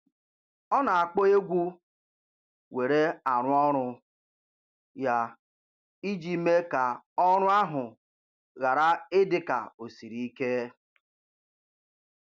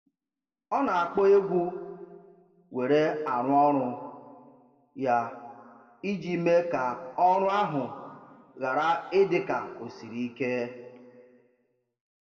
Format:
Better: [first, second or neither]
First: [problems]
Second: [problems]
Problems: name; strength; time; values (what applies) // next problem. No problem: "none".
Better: first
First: none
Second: room echo; dies away in 1.6 s